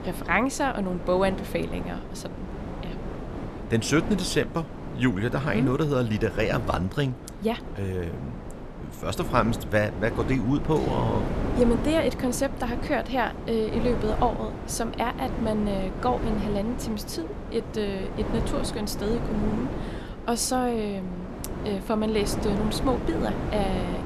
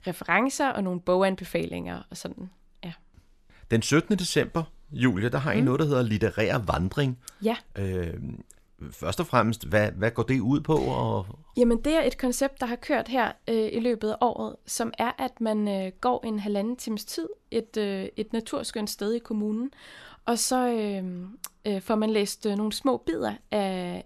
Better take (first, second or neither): second